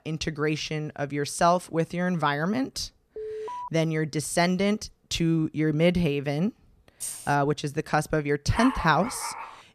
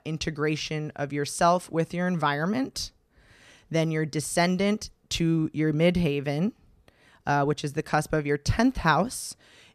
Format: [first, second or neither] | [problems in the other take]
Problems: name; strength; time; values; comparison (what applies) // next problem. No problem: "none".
second | alarm; noticeable; at 3 s; peak 9 dB below the speech // jangling keys; noticeable; at 7 s; peak 8 dB below the speech // dog barking; noticeable; from 8.5 s on; peak 5 dB below the speech